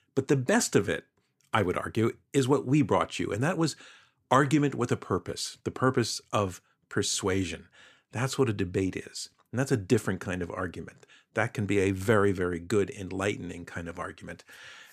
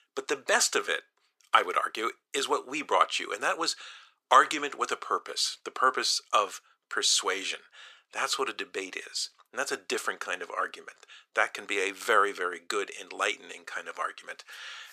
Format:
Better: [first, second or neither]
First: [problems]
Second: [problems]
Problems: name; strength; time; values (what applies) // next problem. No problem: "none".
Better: first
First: none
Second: thin; very; fading below 500 Hz